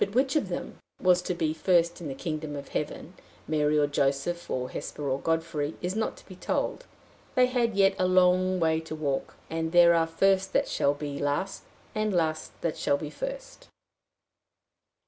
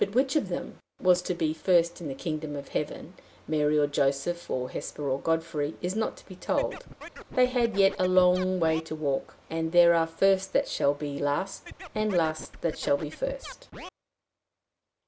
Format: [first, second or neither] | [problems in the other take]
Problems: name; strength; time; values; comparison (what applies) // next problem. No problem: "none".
first | background sound (Scratching (performance technique)); 15 dB below the speech